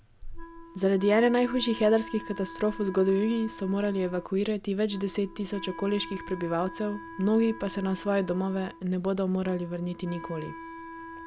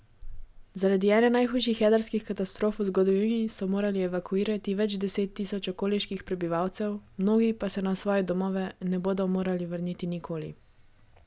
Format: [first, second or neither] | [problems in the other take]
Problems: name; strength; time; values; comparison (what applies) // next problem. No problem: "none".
second | background sound (Wind instrument, woodwind instrument); 16 dB below the speech